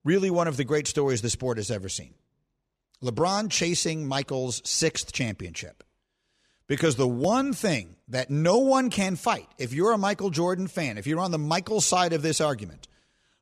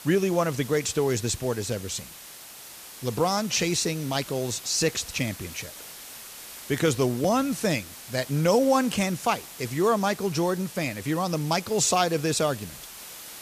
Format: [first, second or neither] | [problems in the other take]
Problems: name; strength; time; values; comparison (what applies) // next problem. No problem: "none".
first | hiss; noticeable; throughout; 15 dB below the speech